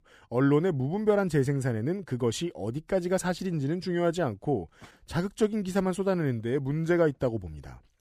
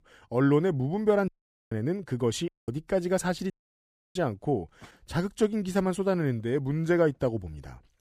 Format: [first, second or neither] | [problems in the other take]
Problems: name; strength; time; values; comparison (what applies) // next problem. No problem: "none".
first | audio cutting out; at 1.5 s, at 2.5 s and at 3.5 s for 0.5 s